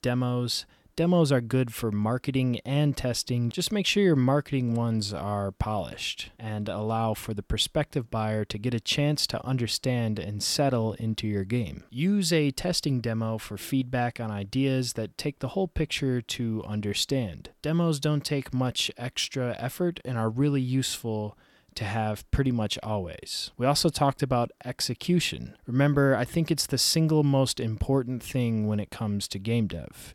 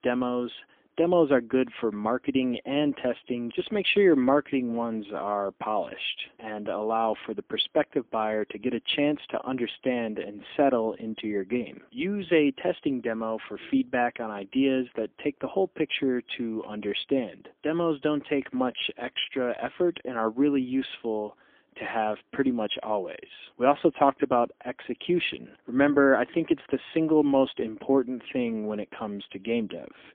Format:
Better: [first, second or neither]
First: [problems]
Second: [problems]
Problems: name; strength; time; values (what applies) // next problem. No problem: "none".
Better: first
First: none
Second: phone-call audio; poor line; nothing above 3.5 kHz